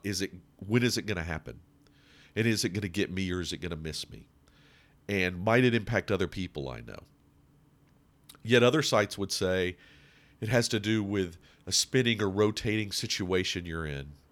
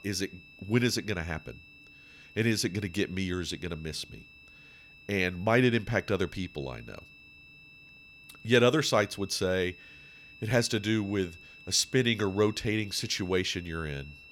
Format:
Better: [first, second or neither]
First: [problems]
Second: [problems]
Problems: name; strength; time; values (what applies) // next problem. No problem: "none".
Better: first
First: none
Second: high-pitched whine; faint; throughout; 2.5 kHz, 20 dB below the speech